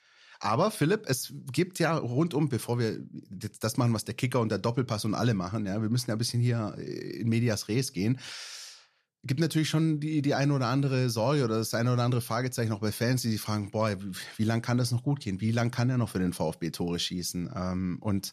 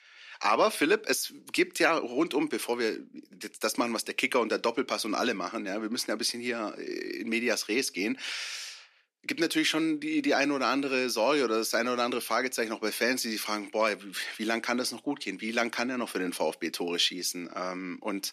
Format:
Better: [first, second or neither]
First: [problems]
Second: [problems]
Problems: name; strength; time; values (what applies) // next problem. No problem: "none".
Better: first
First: none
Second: thin; somewhat; fading below 250 Hz